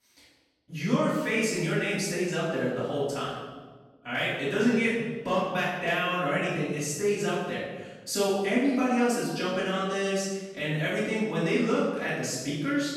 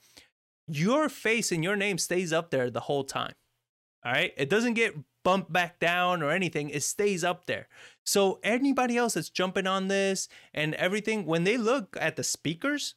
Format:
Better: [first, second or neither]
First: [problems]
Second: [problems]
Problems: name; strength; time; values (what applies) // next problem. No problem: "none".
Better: second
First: off-mic speech; far // room echo; strong; dies away in 1.1 s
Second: none